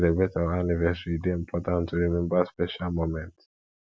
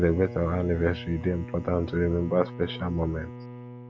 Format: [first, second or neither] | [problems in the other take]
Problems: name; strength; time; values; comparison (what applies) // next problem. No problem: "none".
first | background sound (Bowed string instrument); 12 dB below the speech